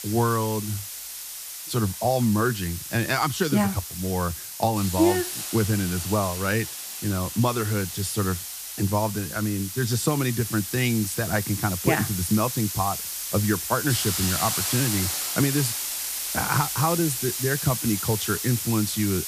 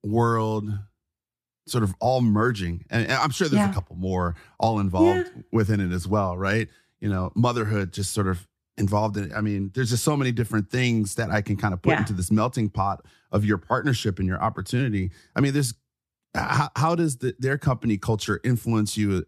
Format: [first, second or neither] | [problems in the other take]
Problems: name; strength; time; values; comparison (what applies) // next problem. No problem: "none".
second | hiss; loud; throughout; 4 dB below the speech